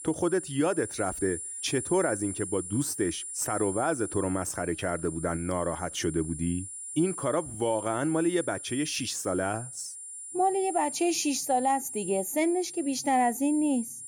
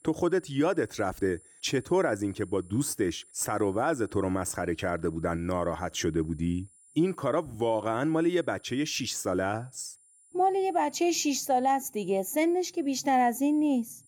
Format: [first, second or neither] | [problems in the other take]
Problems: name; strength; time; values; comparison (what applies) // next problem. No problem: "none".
second | high-pitched whine; loud; throughout; 9.5 kHz, 8 dB below the speech; faint in the second